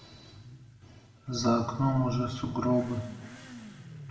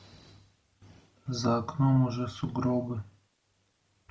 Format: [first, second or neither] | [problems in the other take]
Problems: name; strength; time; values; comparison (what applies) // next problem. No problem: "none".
second | background sound (Motorcycle / Accelerating, revving, vroom); 17 dB below the speech // room echo; dies away in 1.4 s